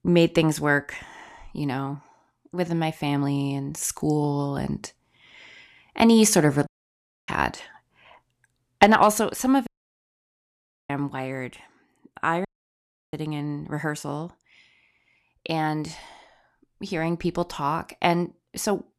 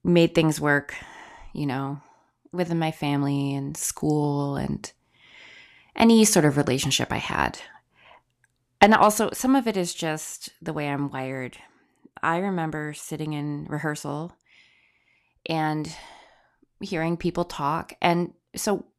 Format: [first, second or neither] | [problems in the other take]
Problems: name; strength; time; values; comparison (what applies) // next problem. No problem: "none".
second | audio cutting out; at 6.5 s for 0.5 s, at 9.5 s for 1 s and at 12 s for 0.5 s